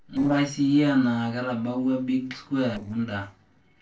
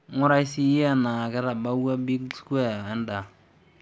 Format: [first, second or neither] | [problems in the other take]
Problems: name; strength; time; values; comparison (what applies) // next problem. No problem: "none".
second | noise reduction (neural separator model SepFormer DNS4)